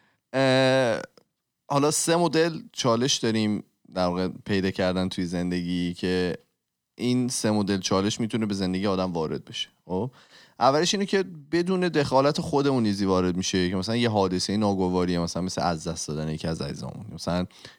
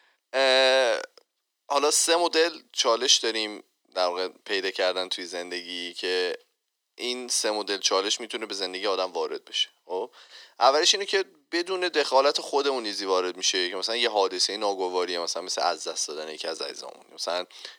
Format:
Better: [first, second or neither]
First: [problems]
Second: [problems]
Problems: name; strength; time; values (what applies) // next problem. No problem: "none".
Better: first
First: none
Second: thin; very; fading below 350 Hz